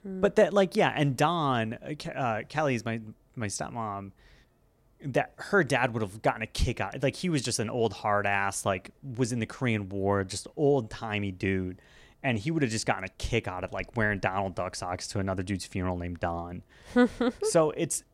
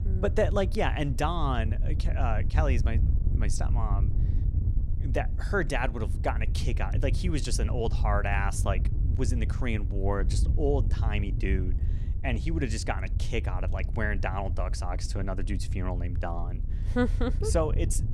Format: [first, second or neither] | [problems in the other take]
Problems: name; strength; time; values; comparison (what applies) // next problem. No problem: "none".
first | wind noise on the microphone; occasional gusts; 15 dB below the speech